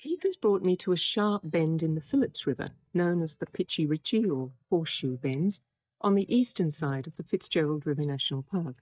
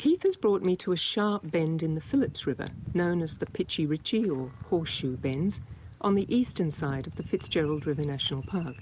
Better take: second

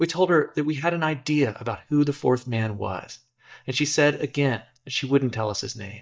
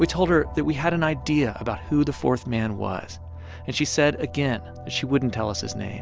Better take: second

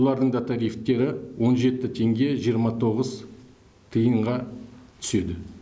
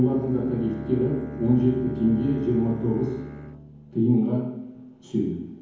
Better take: first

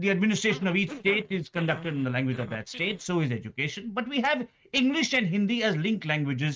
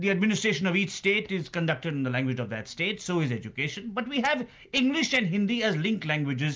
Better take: second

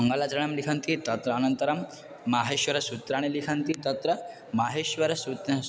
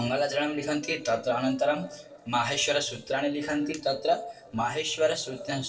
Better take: first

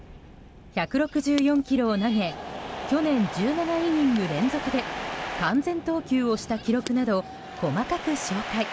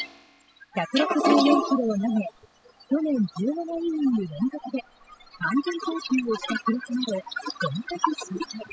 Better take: first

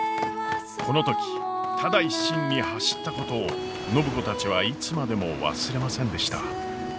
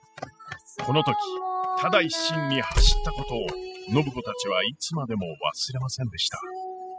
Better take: first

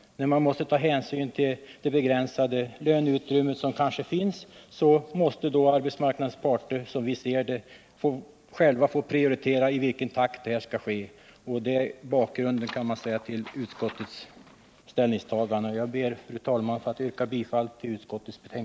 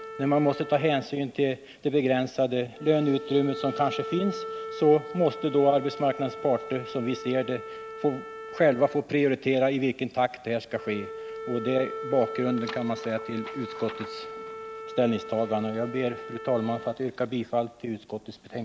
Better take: first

